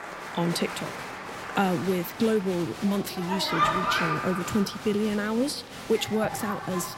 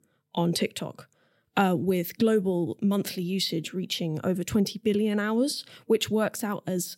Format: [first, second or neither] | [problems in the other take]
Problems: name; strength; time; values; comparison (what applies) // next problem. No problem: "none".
second | crowd noise; loud; throughout; 4 dB below the speech